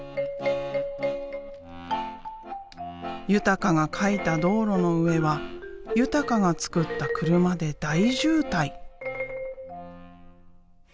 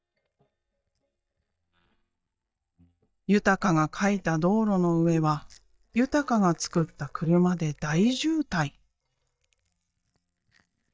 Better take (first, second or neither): first